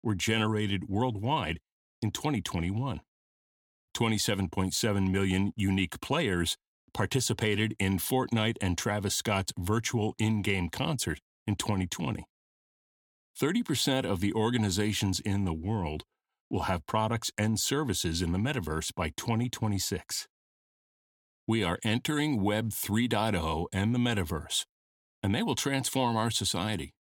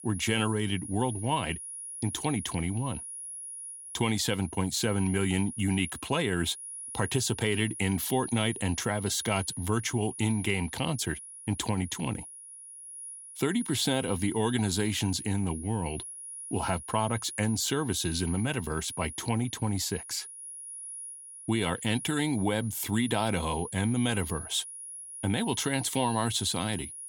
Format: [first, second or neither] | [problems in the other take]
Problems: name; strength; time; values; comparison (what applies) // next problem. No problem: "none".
first | high-pitched whine; loud; throughout; 10.5 kHz, 10 dB below the speech